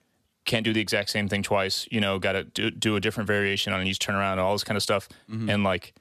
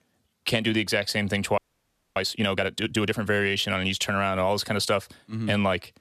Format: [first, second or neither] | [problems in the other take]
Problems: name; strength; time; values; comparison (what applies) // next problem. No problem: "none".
first | audio freezing; at 1.5 s for 0.5 s